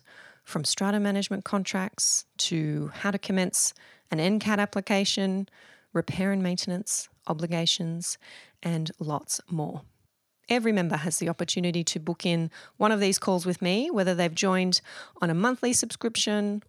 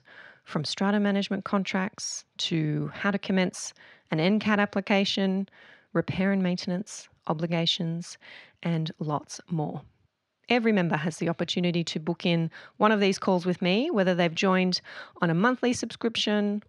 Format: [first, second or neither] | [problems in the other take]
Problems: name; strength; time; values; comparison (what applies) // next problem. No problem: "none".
first | muffled; slightly; fading above 3 kHz